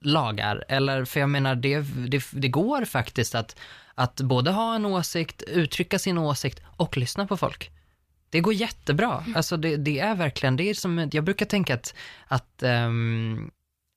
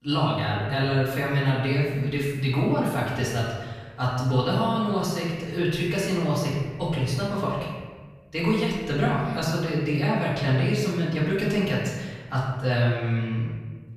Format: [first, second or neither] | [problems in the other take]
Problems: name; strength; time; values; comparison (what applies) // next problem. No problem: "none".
first | room echo; noticeable; dies away in 1.3 s // off-mic speech; far